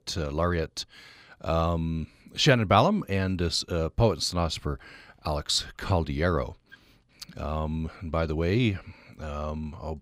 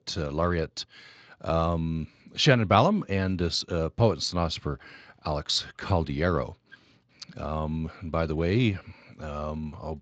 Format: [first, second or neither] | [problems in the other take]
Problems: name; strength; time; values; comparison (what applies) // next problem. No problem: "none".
first | garbled, watery; slightly; nothing above 7.5 kHz